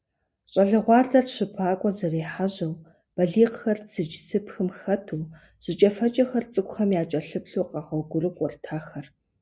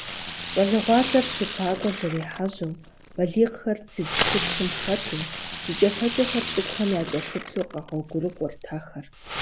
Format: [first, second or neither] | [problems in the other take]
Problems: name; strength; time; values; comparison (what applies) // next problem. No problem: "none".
first | background sound (Fireworks); 6 dB below the speech